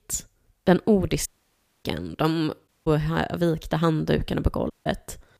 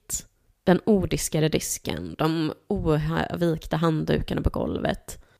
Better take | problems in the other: second | audio cutting out; at 1.5 s for 0.5 s, at 2.5 s and at 4.5 s

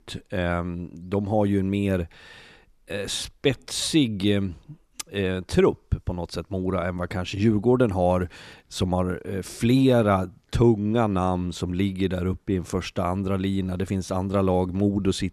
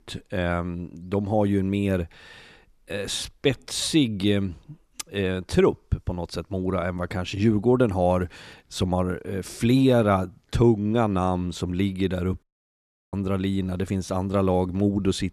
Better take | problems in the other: first | audio cutting out; at 12 s for 0.5 s

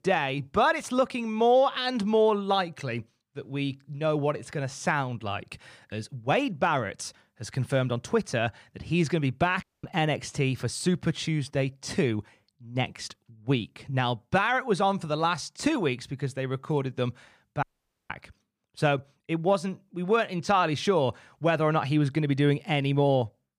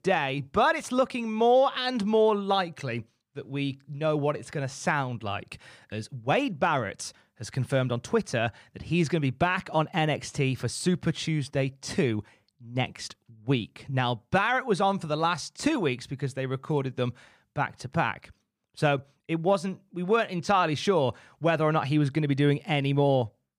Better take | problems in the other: second | audio cutting out; at 9.5 s and at 18 s

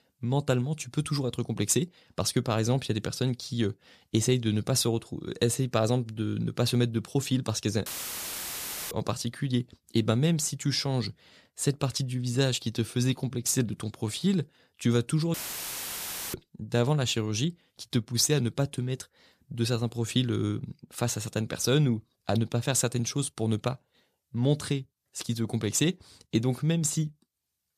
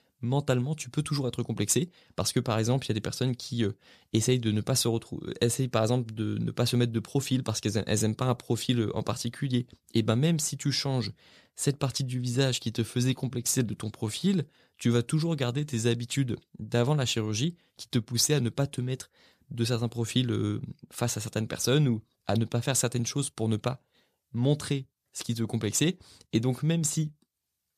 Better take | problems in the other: second | audio cutting out; filled with static; at 8 s for 1 s and at 15 s for 1 s

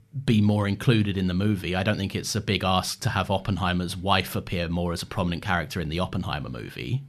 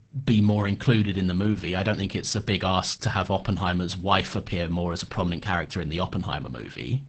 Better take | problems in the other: first | garbled, watery; badly; nothing above 8 kHz

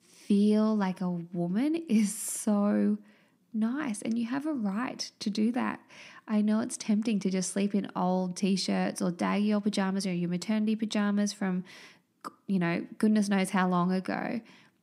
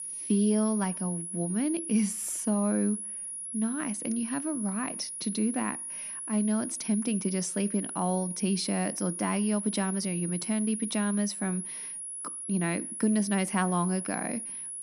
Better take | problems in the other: first | high-pitched whine; loud; throughout; 10.5 kHz, 5 dB below the speech

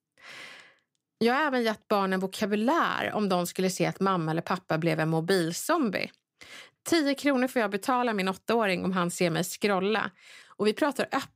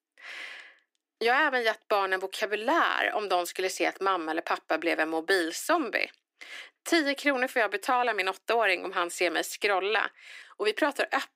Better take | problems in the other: first | thin; somewhat; fading below 300 Hz

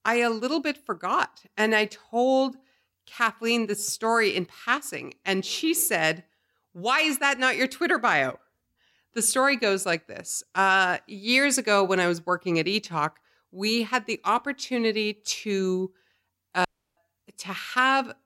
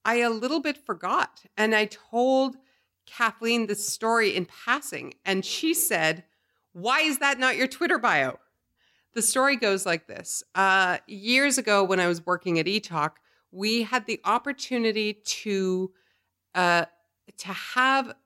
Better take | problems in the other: second | audio cutting out; at 17 s

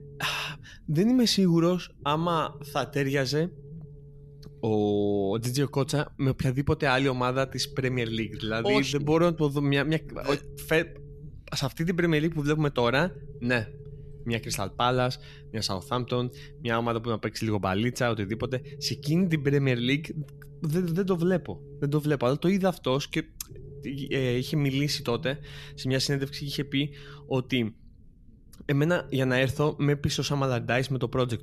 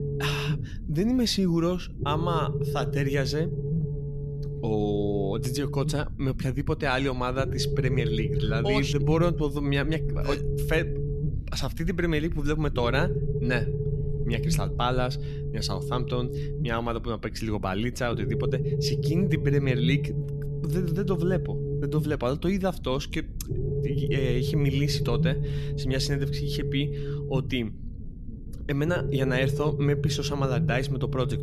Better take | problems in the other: first | low rumble; loud; throughout; 6 dB below the speech; faint in the first

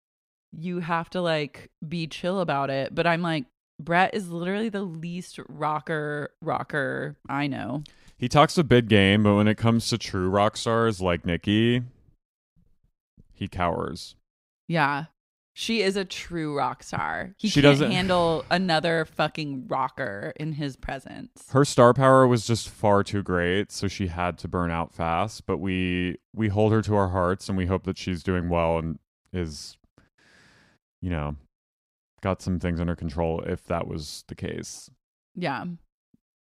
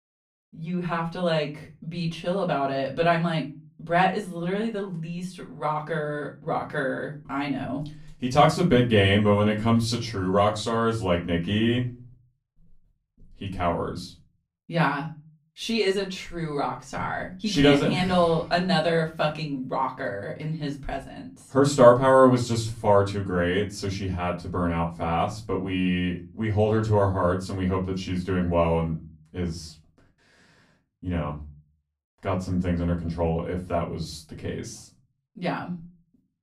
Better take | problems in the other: first | off-mic speech; far // room echo; very slight; dies away in 0.3 s

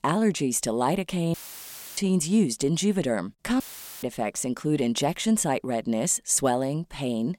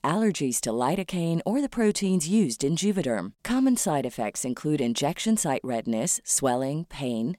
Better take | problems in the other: second | audio cutting out; filled with static; at 1.5 s for 0.5 s and at 3.5 s

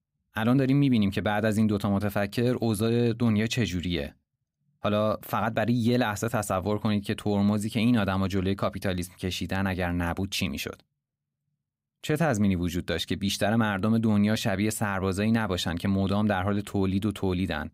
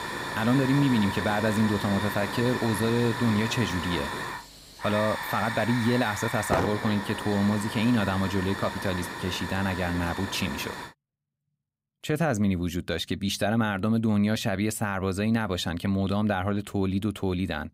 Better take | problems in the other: first | hiss; loud; until 11 s; 6 dB below the speech

